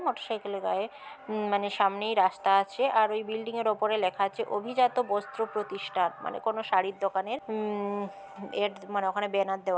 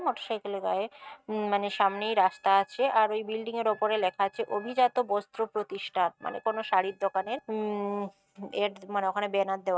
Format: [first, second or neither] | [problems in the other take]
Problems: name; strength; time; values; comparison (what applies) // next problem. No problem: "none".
first | noise reduction (neural mask model RNNoise)